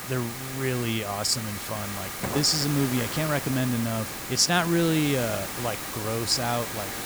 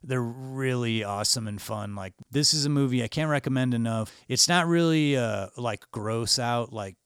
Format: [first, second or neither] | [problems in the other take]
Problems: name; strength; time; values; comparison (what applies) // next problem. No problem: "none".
second | hiss; loud; throughout; 6 dB below the speech